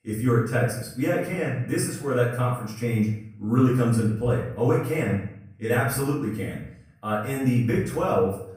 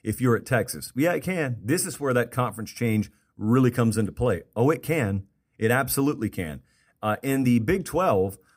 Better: second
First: off-mic speech; far // room echo; noticeable; dies away in 0.6 s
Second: none

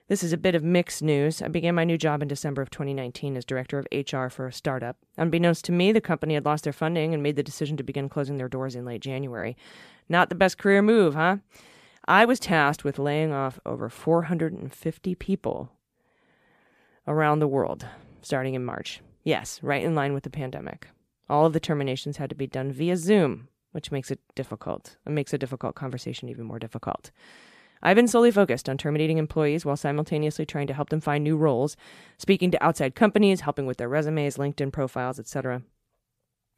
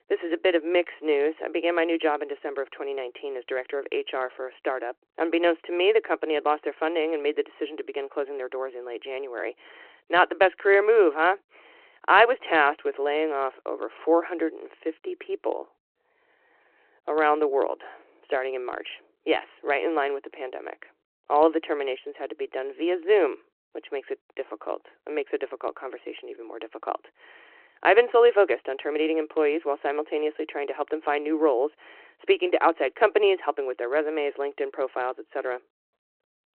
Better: first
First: none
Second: phone-call audio

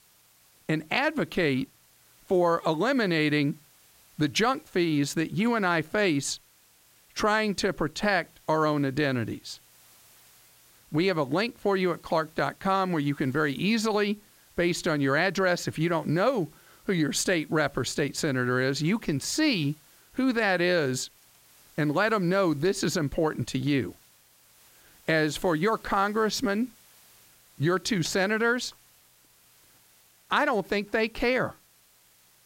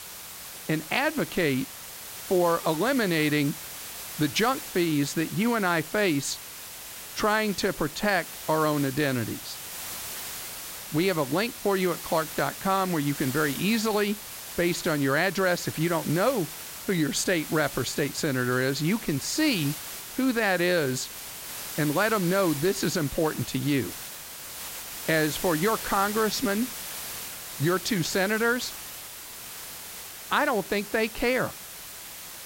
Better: first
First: hiss; faint; throughout; 30 dB below the speech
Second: hiss; loud; throughout; 10 dB below the speech

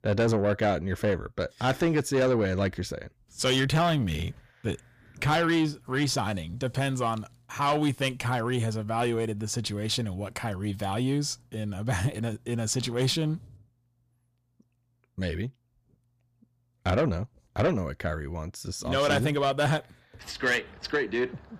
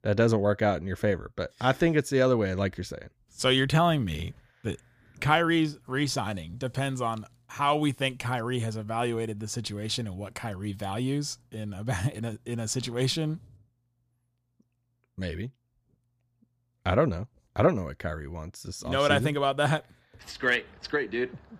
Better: second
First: distortion; slight; 10 dB below the speech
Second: none

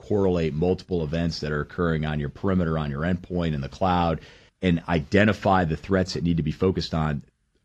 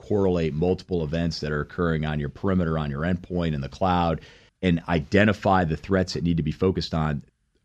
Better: second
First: garbled, watery; slightly; nothing above 13 kHz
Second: none

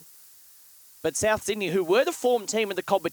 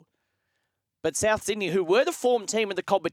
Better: second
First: hiss; faint; throughout; 20 dB below the speech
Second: none

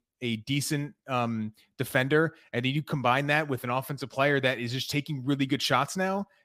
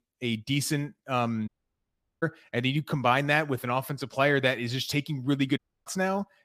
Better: first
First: none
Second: audio cutting out; at 1.5 s for 0.5 s and at 5.5 s

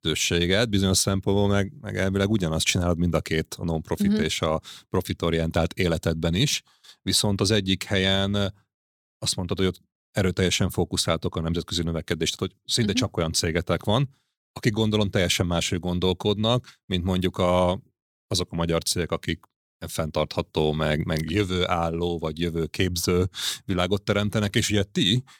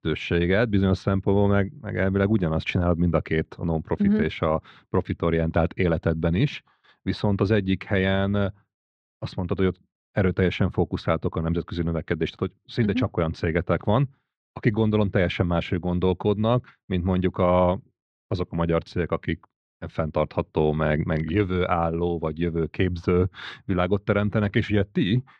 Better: first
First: none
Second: muffled; very; fading above 2 kHz

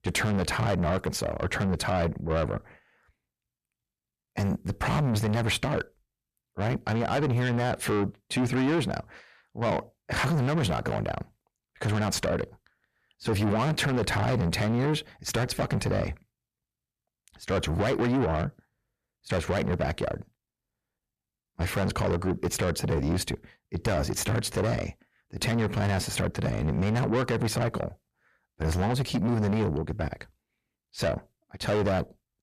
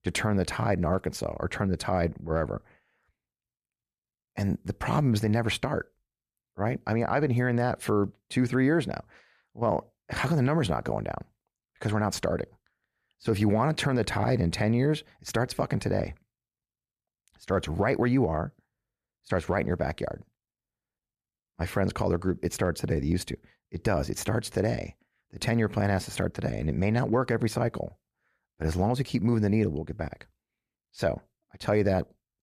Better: second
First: distortion; heavy; 7 dB below the speech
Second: none

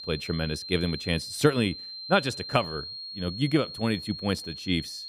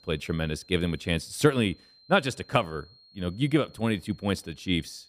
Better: second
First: high-pitched whine; loud; throughout; 4 kHz, 9 dB below the speech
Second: high-pitched whine; faint; throughout; 4 kHz, 25 dB below the speech

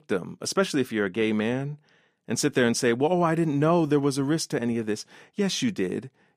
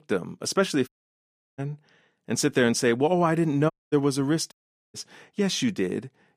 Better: first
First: none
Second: audio cutting out; at 1 s for 0.5 s, at 3.5 s and at 4.5 s

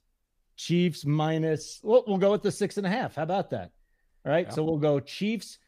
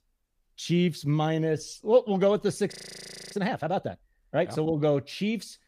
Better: first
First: none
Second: audio freezing; at 2.5 s for 0.5 s

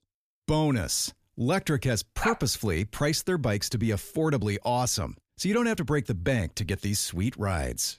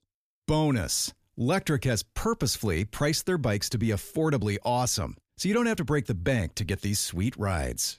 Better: second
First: dog barking; noticeable; at 2 s; peak 4 dB below the speech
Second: none

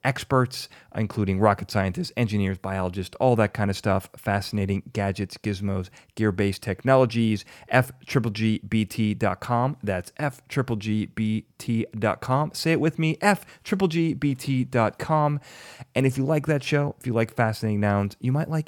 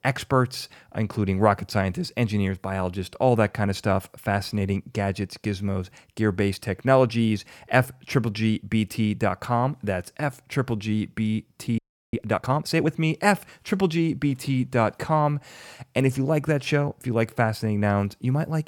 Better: first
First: none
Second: audio freezing; at 12 s

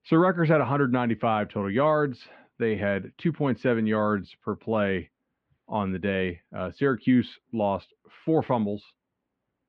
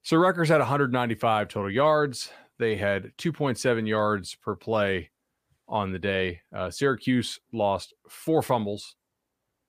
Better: second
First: muffled; very; fading above 3 kHz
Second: none

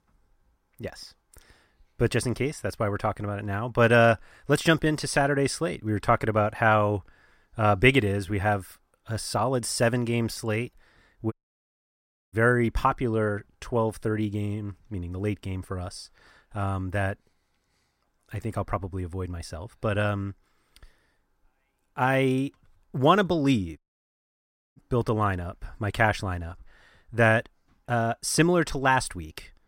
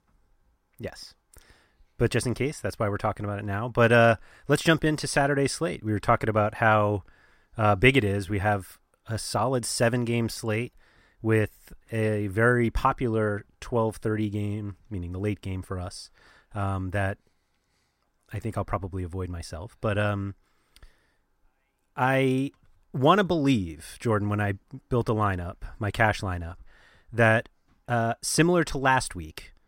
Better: second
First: audio cutting out; at 11 s for 1 s and at 24 s for 1 s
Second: none

